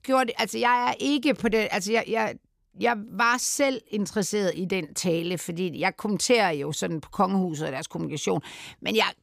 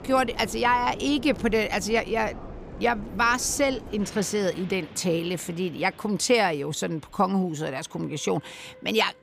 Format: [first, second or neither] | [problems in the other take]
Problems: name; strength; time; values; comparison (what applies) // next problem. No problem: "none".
first | train or aircraft noise; noticeable; throughout; 15 dB below the speech